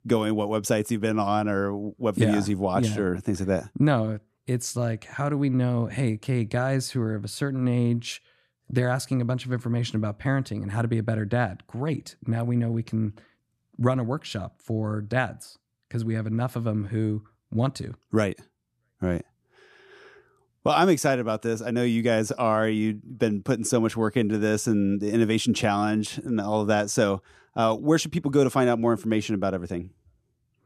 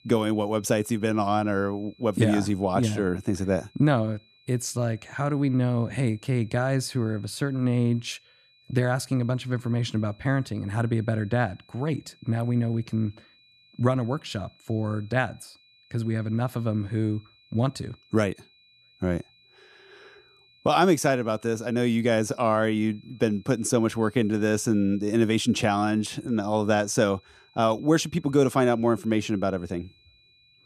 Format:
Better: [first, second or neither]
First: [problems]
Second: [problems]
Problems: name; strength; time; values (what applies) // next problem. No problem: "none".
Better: first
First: none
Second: high-pitched whine; faint; throughout; 4 kHz, 30 dB below the speech